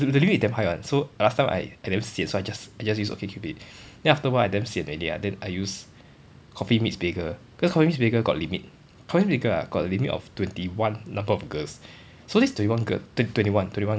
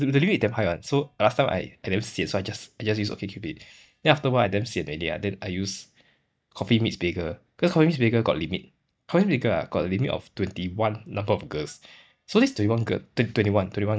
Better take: first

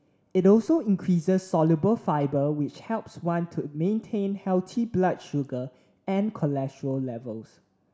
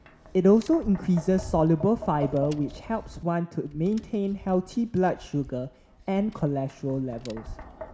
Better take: first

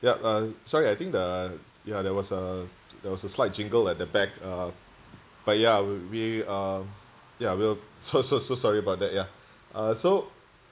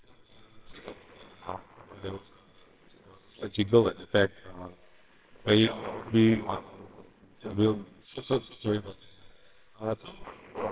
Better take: first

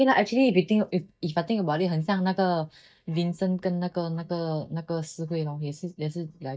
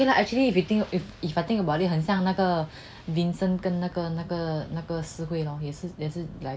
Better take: second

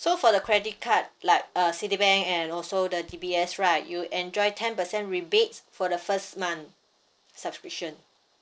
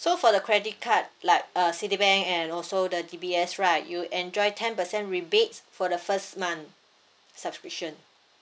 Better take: second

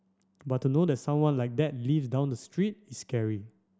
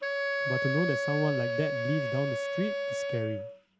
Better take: first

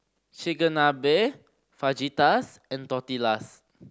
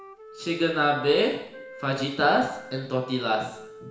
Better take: first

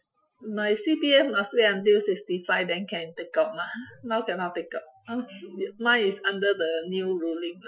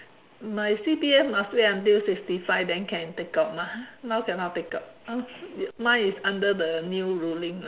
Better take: second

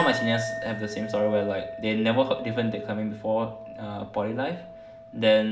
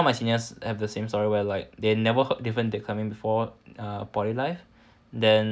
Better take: second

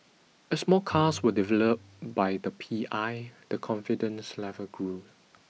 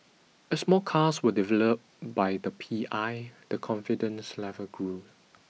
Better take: second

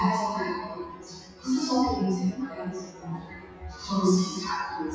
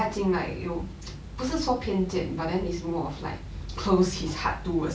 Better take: second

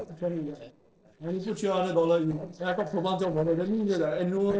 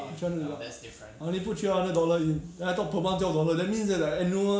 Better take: second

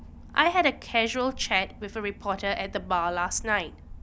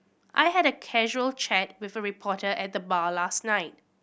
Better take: second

